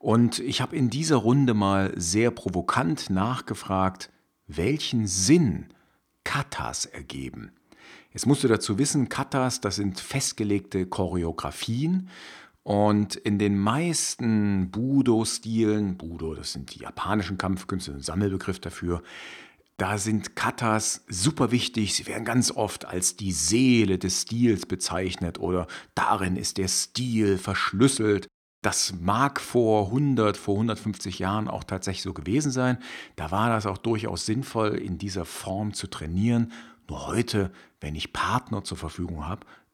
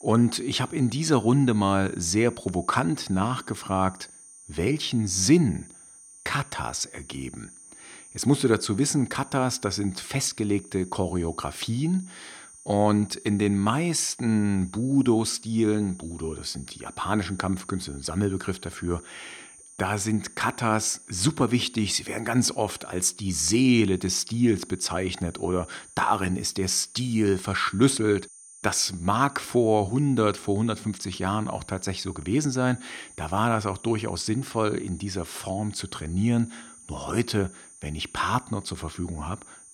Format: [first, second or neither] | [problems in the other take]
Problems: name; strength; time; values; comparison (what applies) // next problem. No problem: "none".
first | high-pitched whine; noticeable; throughout; 9 kHz, 20 dB below the speech